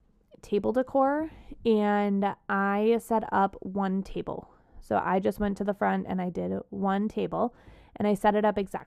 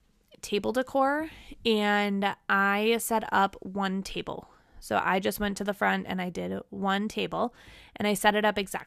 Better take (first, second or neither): second